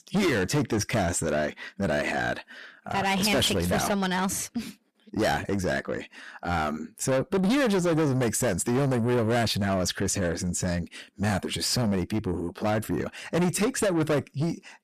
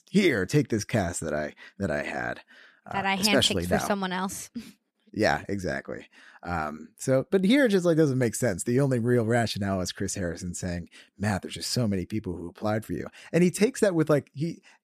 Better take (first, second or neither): second